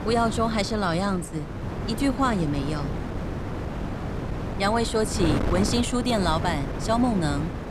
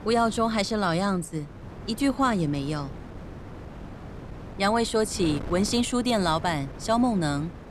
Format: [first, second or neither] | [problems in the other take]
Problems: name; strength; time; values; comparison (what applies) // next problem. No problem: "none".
second | wind noise on the microphone; heavy; 8 dB below the speech; occasional gusts in the second